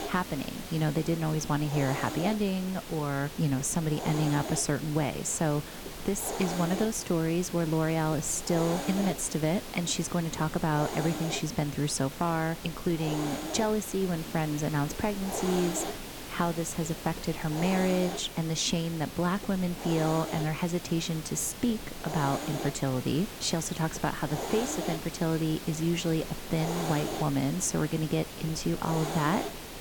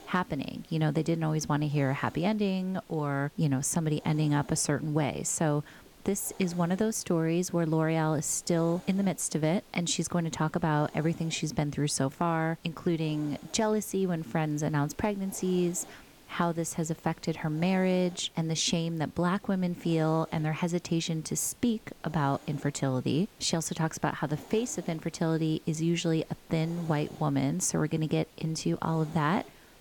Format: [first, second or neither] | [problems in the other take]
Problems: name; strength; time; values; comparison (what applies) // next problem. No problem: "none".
second | hiss; loud; throughout; 8 dB below the speech; faint in the second